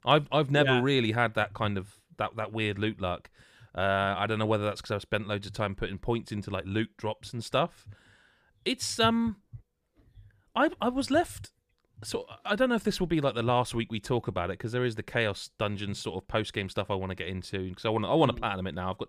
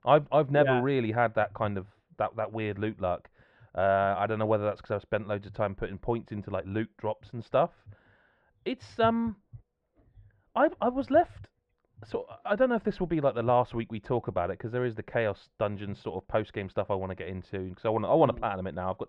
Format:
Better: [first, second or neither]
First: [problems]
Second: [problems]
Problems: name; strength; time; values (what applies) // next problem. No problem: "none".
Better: first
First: none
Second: muffled; very; fading above 2 kHz